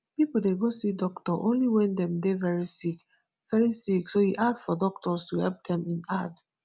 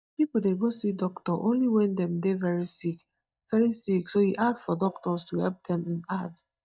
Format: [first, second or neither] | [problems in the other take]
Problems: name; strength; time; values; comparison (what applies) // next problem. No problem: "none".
first | noise reduction (neural mask model DeepFilterNet 3)